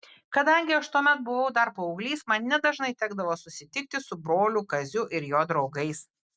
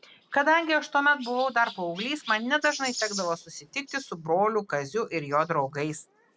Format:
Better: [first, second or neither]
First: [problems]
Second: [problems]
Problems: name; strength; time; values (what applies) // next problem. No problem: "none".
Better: first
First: none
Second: background sound (Chirp, tweet); 16 dB below the speech